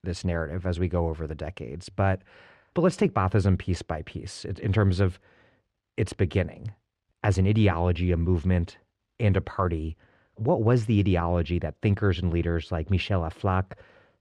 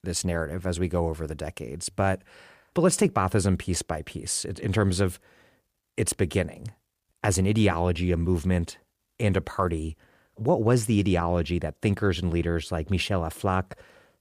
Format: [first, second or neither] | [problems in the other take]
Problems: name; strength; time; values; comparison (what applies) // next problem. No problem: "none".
second | muffled; slightly; fading above 3.5 kHz